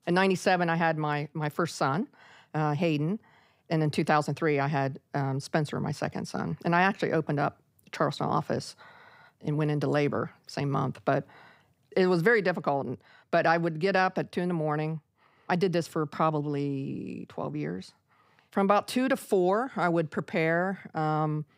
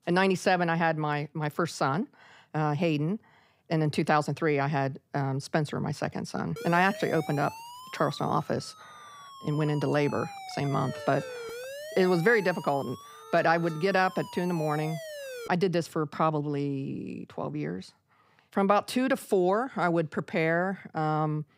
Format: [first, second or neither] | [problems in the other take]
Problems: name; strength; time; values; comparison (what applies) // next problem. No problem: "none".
first | siren; faint; from 6.5 to 15 s; peak 10 dB below the speech